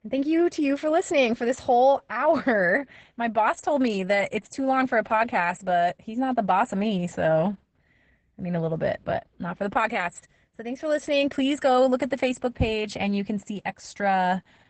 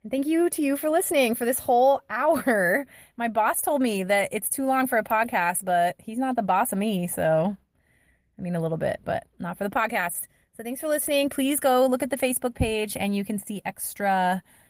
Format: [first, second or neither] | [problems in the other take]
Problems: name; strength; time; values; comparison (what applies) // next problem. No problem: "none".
second | garbled, watery; badly; nothing above 8 kHz; slightly in the second